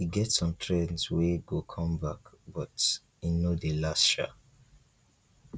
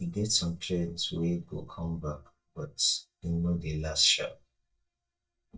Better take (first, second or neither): first